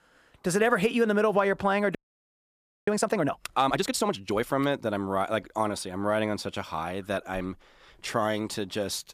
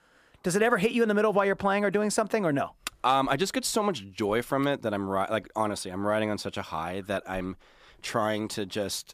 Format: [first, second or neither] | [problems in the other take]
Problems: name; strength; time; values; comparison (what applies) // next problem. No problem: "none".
second | audio freezing; at 2 s for 1 s